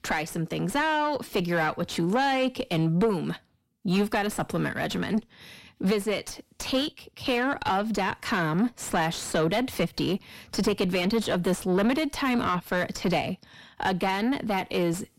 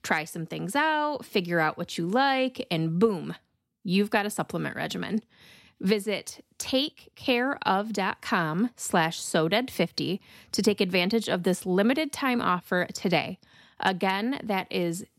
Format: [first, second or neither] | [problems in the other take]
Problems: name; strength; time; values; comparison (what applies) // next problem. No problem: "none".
second | distortion; heavy; 7 dB below the speech